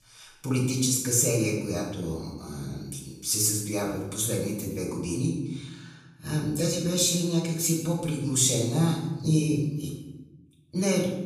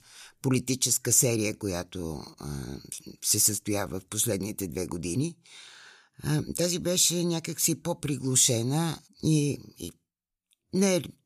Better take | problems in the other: second | off-mic speech; far // room echo; noticeable; dies away in 1 s

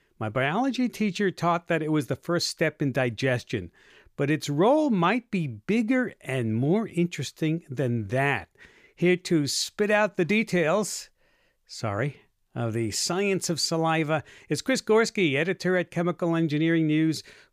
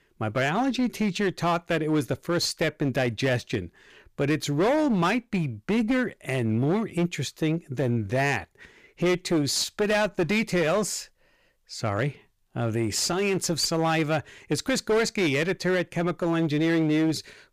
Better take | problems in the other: first | distortion; slight; 12% of the sound clipped

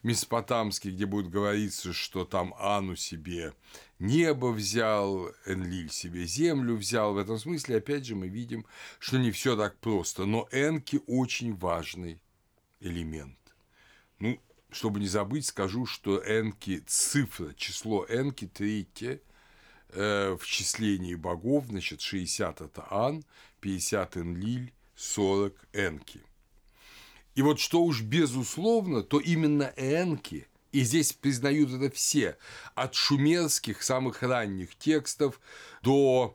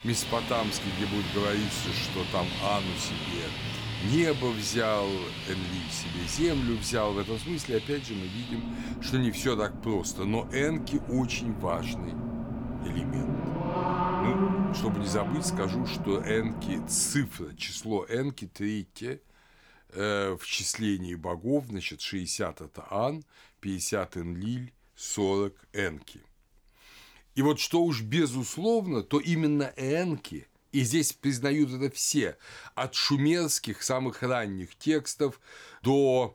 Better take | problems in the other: first | traffic noise; loud; until 17 s; 4 dB below the speech

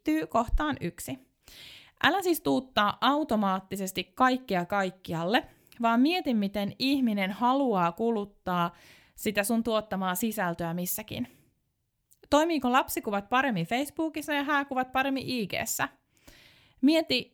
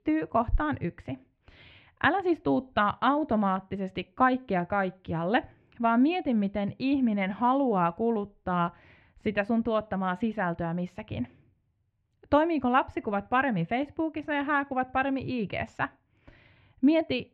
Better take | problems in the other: first | muffled; very; fading above 2.5 kHz

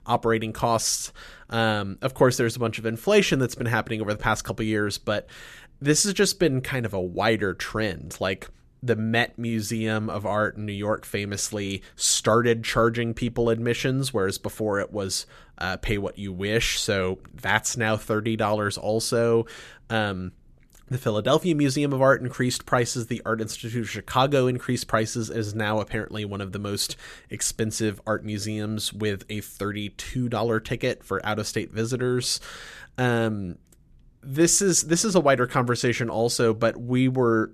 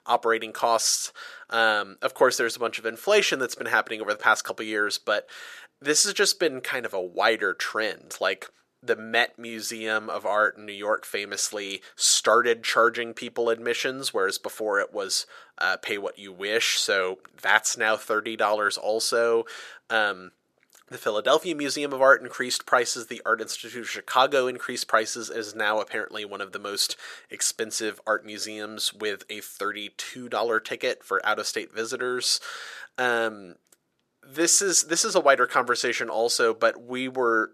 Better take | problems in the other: first | thin; very; fading below 500 Hz

